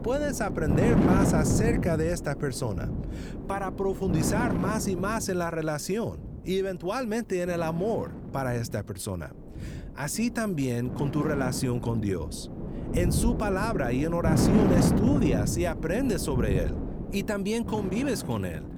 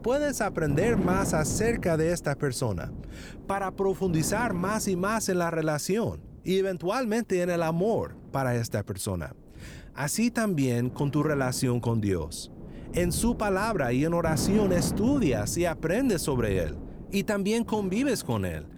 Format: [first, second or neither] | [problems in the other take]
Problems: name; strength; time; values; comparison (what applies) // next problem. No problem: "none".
second | wind noise on the microphone; heavy; 4 dB below the speech; occasional gusts in the second